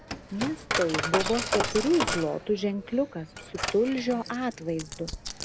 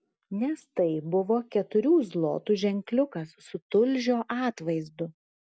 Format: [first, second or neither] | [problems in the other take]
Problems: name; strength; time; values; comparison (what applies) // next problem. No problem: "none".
second | background sound (Coin (dropping)); 4 dB below the speech